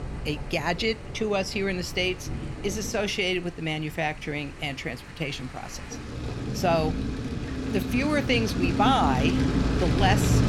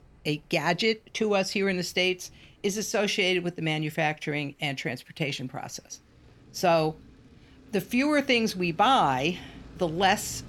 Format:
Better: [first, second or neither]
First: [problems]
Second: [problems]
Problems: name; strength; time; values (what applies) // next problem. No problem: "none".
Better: second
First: rain or running water; loud; throughout; 2 dB below the speech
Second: rain or running water; faint; throughout; 25 dB below the speech